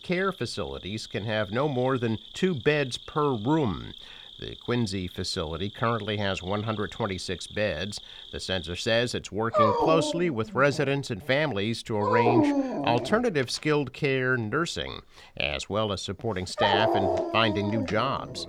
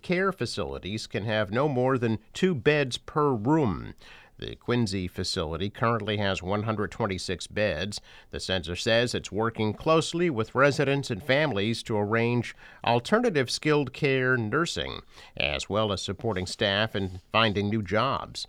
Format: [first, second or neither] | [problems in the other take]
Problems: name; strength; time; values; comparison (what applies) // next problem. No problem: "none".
second | animal sounds; loud; throughout; 2 dB below the speech